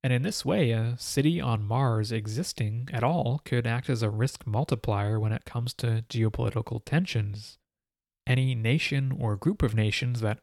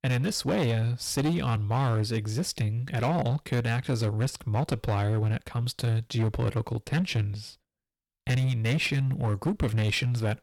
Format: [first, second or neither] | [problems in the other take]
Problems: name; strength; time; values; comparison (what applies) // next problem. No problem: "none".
first | distortion; slight; 13% of the sound clipped